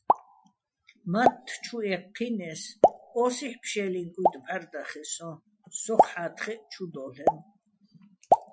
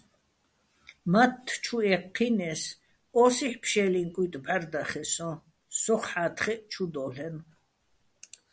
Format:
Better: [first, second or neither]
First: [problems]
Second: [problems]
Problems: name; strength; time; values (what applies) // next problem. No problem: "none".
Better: second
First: noise reduction (classical method Wiener filter)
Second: none